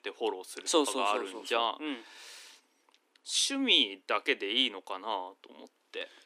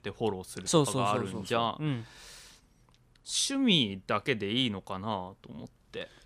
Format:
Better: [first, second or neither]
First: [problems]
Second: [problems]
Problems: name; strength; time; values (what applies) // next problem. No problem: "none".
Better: second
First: thin; very slightly; fading below 250 Hz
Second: none